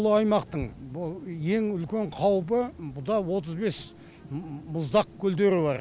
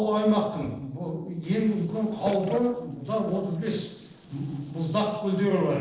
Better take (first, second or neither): first